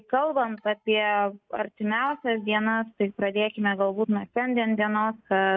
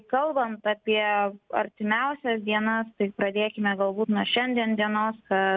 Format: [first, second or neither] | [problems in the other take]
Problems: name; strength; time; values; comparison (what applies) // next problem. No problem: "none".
second | noise reduction (neural mask model DeepFilterNet 3)